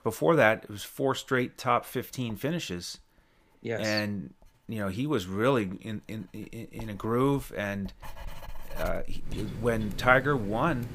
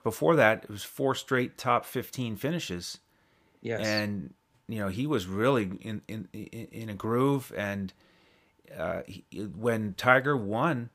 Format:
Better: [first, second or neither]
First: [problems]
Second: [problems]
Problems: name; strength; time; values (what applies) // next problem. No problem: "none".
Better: second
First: household noises; noticeable; throughout; 15 dB below the speech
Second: none